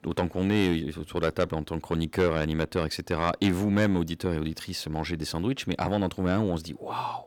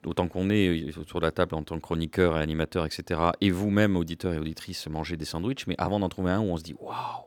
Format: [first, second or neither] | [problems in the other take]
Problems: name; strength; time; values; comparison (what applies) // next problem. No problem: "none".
second | distortion; slight; 10 dB below the speech